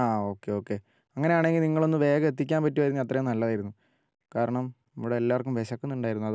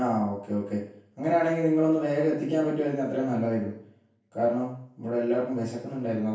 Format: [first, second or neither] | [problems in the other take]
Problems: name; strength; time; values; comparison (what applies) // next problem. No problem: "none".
first | room echo; dies away in 0.7 s